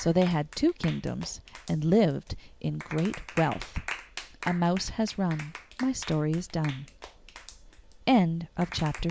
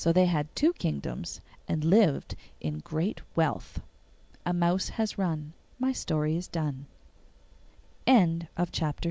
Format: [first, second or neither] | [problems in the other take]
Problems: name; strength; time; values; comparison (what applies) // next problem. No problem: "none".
second | background sound (Clapping); 15 dB below the speech